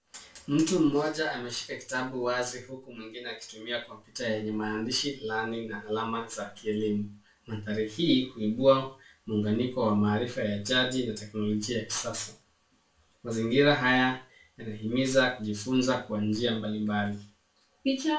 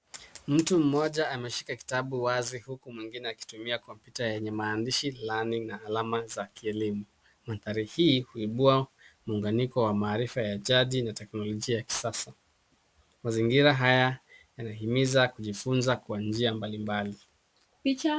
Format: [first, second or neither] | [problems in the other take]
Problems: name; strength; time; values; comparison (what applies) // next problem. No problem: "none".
second | room echo; dies away in 0.3 s